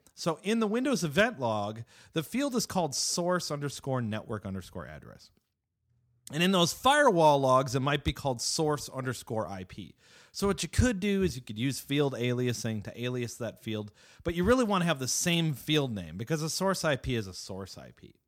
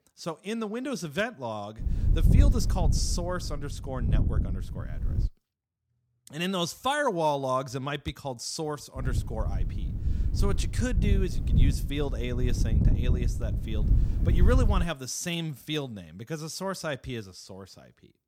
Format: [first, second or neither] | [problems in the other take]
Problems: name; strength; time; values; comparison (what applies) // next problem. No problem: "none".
first | wind noise on the microphone; heavy; from 2 to 5.5 s and from 9 to 15 s; 10 dB below the speech